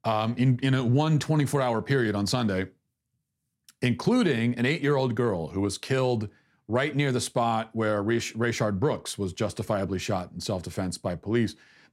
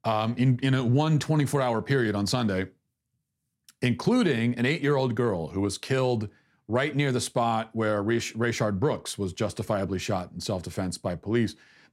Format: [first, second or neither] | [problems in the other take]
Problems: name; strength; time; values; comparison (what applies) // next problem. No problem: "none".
neither | none